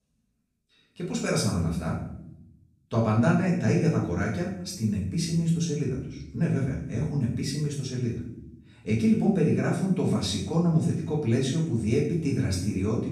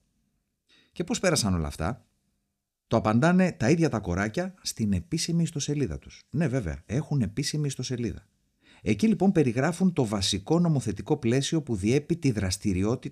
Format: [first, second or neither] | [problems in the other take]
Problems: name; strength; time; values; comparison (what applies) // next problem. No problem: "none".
second | room echo; noticeable; dies away in 0.7 s // off-mic speech; far